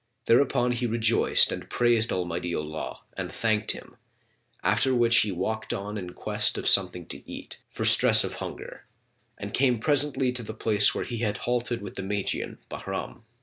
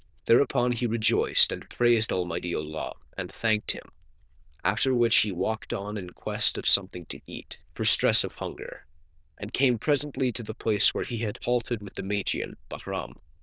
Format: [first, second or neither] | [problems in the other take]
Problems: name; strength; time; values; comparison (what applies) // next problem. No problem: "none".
first | noise reduction (neural diffusion model UNIVERSE++)